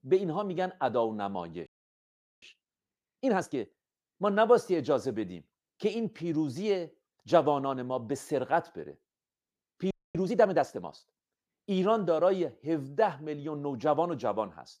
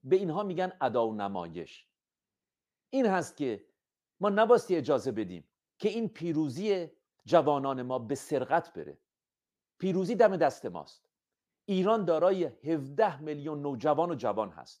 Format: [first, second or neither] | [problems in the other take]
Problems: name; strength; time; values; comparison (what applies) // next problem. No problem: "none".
second | audio freezing; at 1.5 s for 1 s and at 10 s